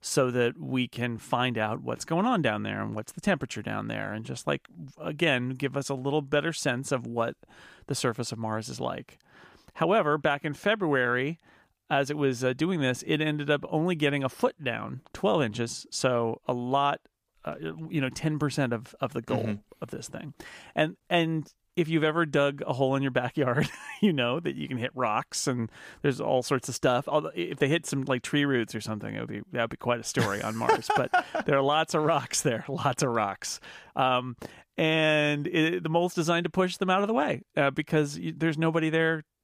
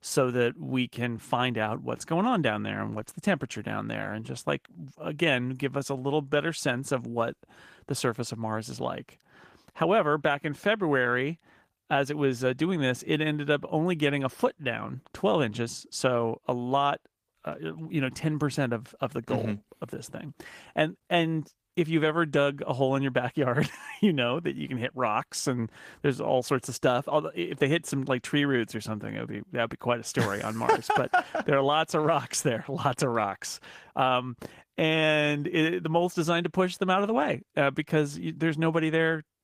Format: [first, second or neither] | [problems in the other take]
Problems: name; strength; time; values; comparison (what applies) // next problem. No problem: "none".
first | garbled, watery; slightly; nothing above 15 kHz